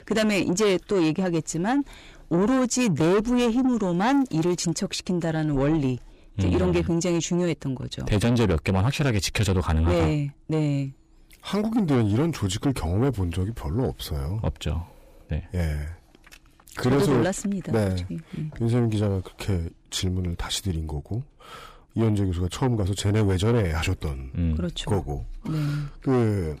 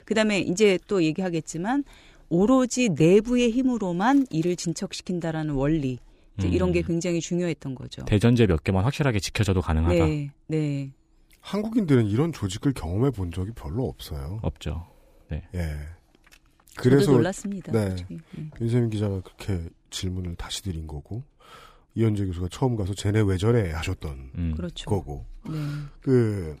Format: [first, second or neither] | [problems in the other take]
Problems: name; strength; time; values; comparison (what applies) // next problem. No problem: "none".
second | distortion; heavy; 8 dB below the speech